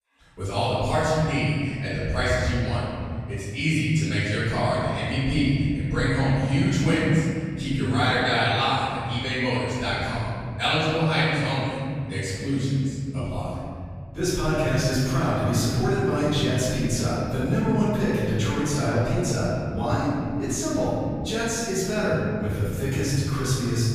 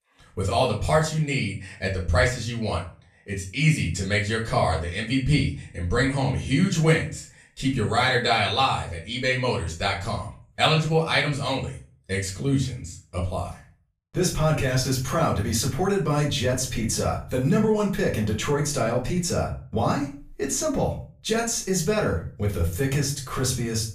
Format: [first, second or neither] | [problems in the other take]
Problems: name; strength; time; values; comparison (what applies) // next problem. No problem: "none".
second | room echo; strong; dies away in 2.8 s; slight in the second // off-mic speech; far; far in the second